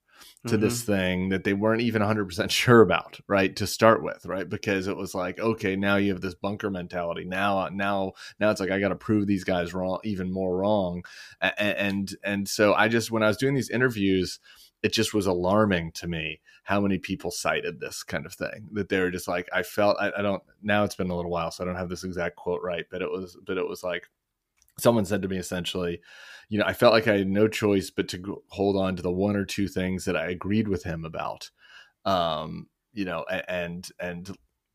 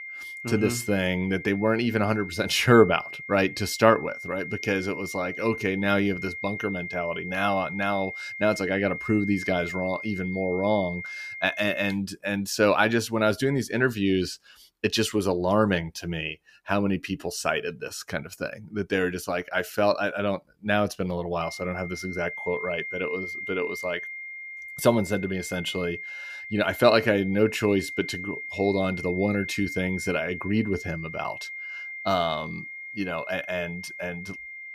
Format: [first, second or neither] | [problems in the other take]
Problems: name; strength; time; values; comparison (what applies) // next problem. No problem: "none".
first | high-pitched whine; loud; until 12 s and from 21 s on; 2 kHz, 9 dB below the speech